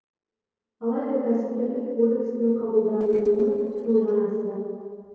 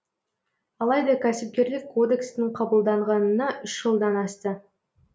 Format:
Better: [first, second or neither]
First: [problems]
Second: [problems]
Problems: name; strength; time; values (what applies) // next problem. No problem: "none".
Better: second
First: noise reduction (neural separator model SepFormer DNS4)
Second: none